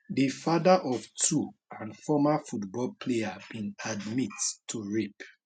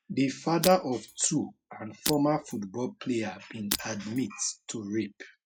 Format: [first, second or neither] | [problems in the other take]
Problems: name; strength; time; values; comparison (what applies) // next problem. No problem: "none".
first | noise reduction (classical method log-MMSE)